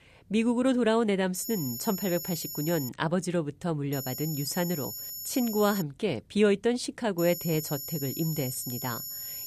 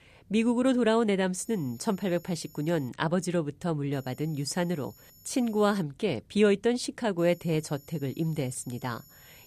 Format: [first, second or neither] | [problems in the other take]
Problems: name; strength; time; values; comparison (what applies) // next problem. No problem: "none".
second | high-pitched whine; loud; from 1.5 to 3 s, from 4 to 6 s and from 7 s on; 7 kHz, 7 dB below the speech; faint in the second